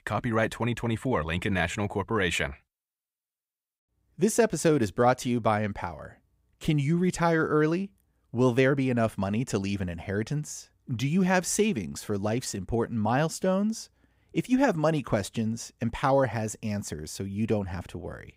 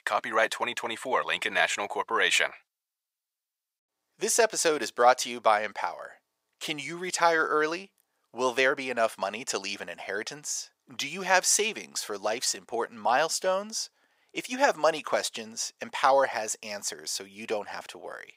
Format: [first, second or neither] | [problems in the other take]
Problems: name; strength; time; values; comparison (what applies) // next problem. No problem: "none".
first | thin; very; fading below 700 Hz